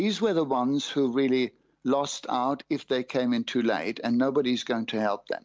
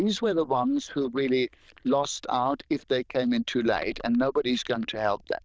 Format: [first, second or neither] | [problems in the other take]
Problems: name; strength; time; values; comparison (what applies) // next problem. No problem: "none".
first | noise reduction (neural diffusion model UNIVERSE++)